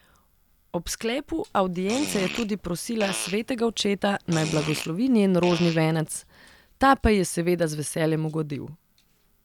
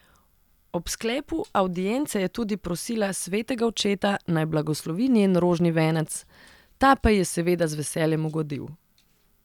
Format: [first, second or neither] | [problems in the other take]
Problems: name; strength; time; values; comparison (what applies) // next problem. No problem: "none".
second | background sound (Fart); 11 dB below the speech